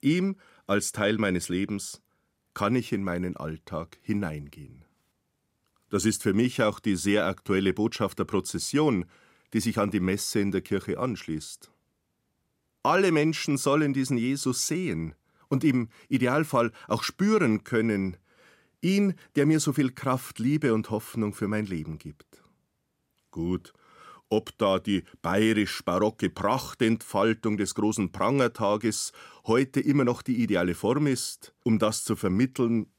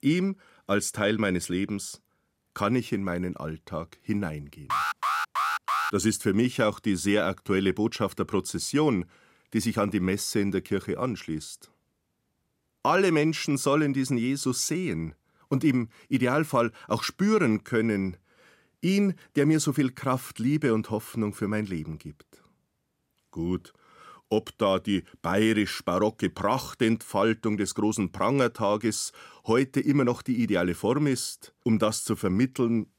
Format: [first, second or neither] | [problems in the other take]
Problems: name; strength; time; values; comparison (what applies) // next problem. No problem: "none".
first | alarm; loud; from 4.5 to 6 s; peak level with the speech